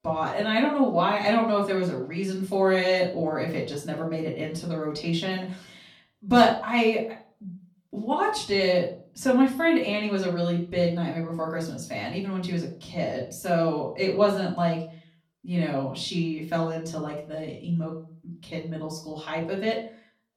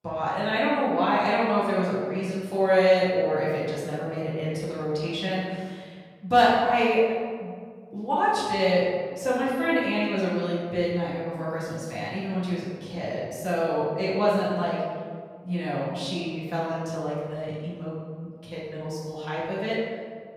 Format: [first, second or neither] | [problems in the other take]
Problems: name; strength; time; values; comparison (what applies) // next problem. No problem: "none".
first | room echo; strong; dies away in 1.6 s; slight in the first // off-mic speech; far; far in the first